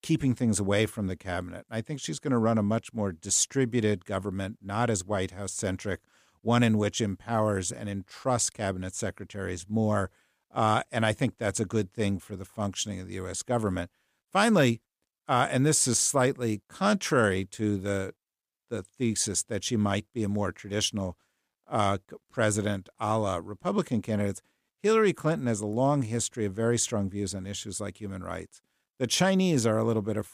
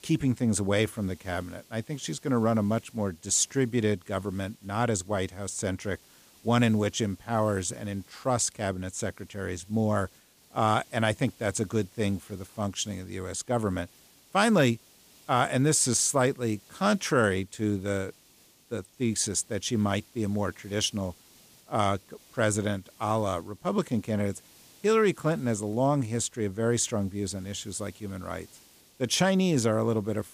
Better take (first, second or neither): first